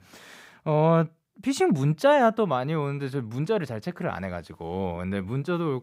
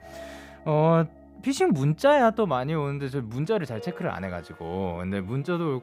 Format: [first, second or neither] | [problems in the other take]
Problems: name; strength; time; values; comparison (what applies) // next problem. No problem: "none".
first | background music; faint; throughout; 20 dB below the speech